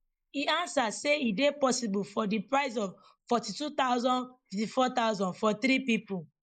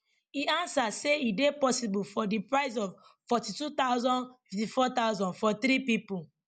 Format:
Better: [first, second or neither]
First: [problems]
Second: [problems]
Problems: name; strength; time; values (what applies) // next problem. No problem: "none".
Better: second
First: noise reduction (neural mask model Resemble Enhance denoiser)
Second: none